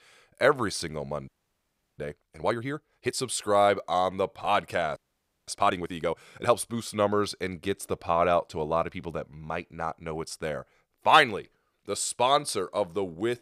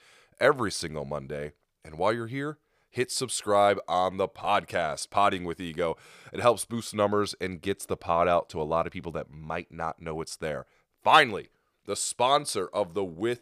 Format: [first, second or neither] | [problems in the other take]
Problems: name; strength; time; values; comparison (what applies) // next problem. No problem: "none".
second | audio freezing; at 1.5 s for 0.5 s and at 5 s for 0.5 s